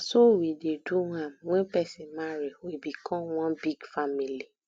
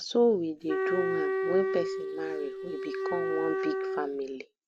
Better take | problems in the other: first | background sound (Wind instrument, woodwind instrument); as loud as the speech

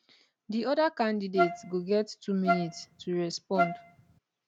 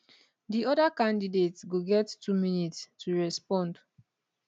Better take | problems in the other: second | background sound (Wind instrument, woodwind instrument); 1 dB below the speech

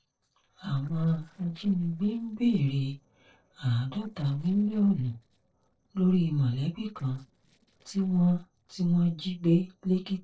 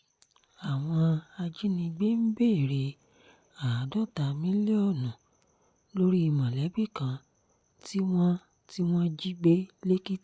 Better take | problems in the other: second | noise reduction (neural separator model SepFormer DNS4)

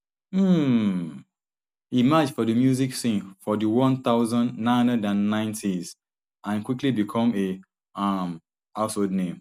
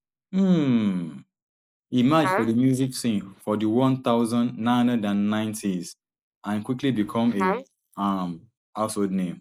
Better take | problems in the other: first | noise reduction (neural mask model Resemble Enhance denoiser)

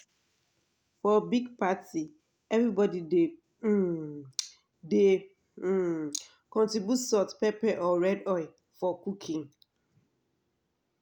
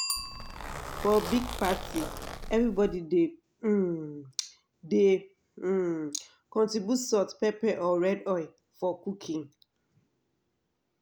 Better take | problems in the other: first | background sound (Bicycle bell + Zipper (clothing)); 12 dB below the speech

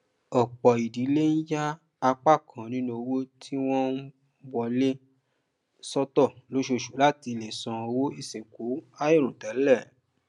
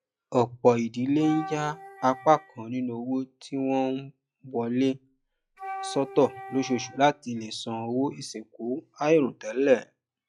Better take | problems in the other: first | noise reduction (classical method log-MMSE)

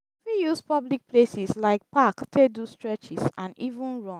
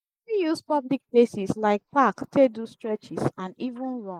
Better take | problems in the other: first | noise reduction (neural mask model Resemble Enhance denoiser)

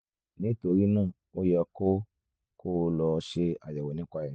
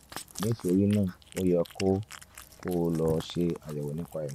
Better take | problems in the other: first | background sound (Cat); 16 dB below the speech

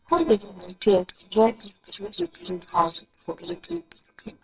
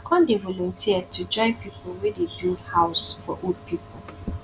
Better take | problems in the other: second | noise reduction (neural separator model SepFormer WHAMR!)

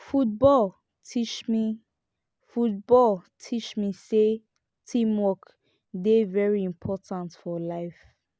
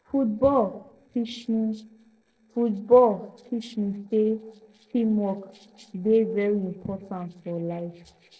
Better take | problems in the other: first | noise reduction (neural separator model SepFormer DNS4)

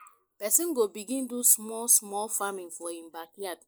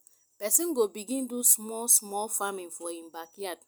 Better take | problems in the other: second | noise reduction (neural mask model Resemble Enhance denoiser)

